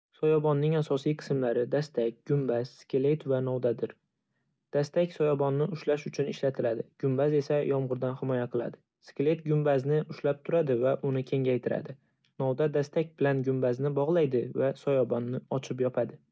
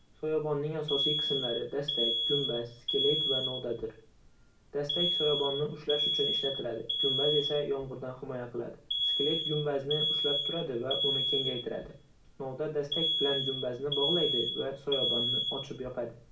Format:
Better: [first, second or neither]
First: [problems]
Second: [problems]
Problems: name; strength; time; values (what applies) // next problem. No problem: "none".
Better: first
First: none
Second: background sound (Alarm); as loud as the speech // room echo; dies away in 0.3 s